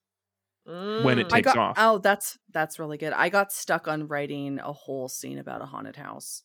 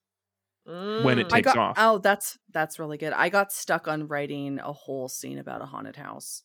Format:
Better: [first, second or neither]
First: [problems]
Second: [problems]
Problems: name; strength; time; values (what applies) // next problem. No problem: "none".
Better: neither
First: none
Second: none